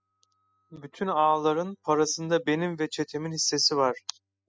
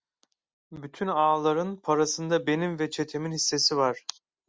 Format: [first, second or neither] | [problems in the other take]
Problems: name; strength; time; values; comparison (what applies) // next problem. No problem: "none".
second | noise reduction (classical method spectral subtraction)